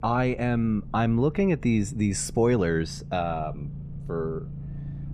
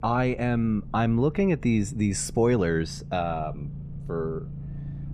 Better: neither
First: low rumble; faint; throughout; 20 dB below the speech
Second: low rumble; faint; throughout; 20 dB below the speech

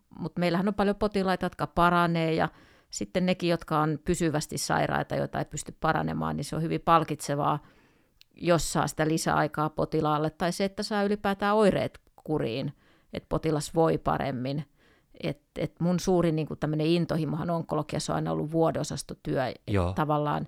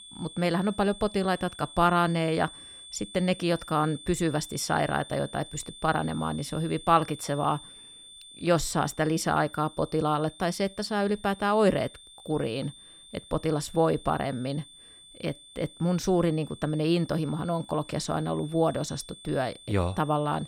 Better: first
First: none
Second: high-pitched whine; noticeable; throughout; 3.5 kHz, 20 dB below the speech

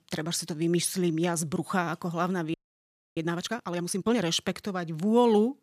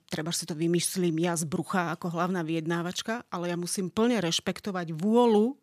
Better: second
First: audio freezing; at 2.5 s for 0.5 s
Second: none

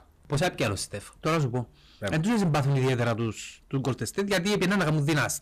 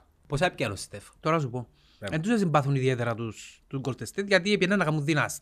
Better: second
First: distortion; heavy; 17% of the sound clipped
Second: none

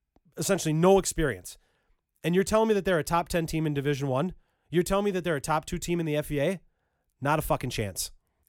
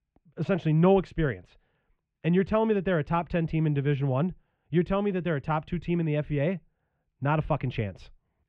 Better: first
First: none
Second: muffled; very; fading above 3 kHz

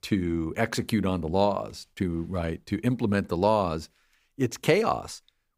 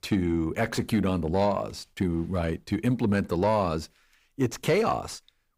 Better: first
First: none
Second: distortion; slight; 10 dB below the speech

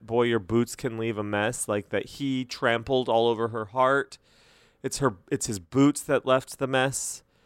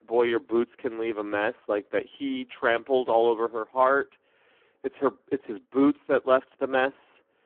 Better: first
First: none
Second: phone-call audio; poor line

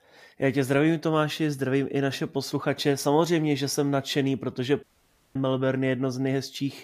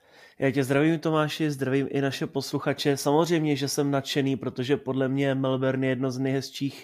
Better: second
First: audio cutting out; at 5 s for 0.5 s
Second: none

